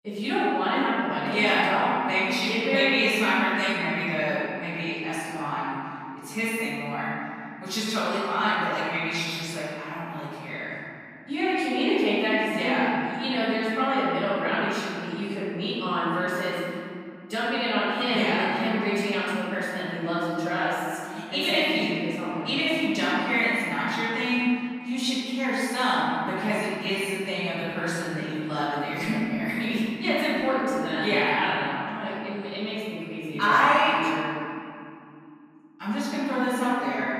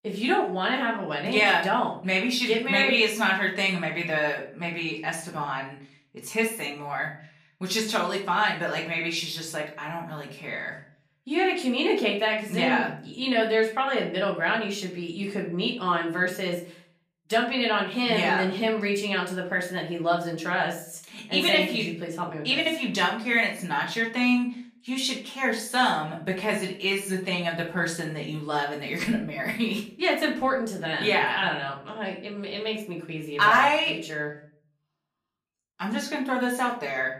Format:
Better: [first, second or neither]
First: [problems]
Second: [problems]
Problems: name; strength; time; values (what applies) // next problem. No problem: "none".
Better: second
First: room echo; strong; dies away in 2.7 s // off-mic speech; far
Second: room echo; slight; dies away in 0.4 s // off-mic speech; far